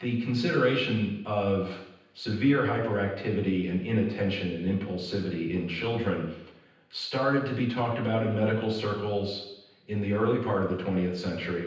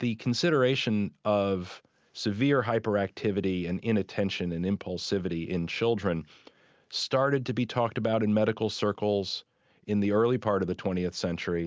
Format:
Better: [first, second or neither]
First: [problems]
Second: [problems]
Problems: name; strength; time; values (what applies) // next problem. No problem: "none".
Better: second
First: room echo; dies away in 0.9 s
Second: none